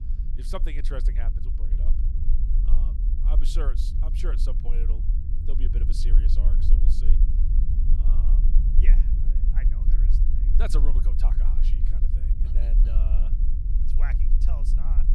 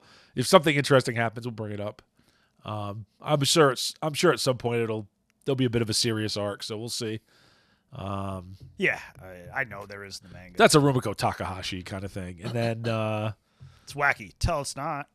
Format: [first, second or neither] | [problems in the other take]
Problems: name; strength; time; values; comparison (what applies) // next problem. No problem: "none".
second | low rumble; loud; throughout; 4 dB below the speech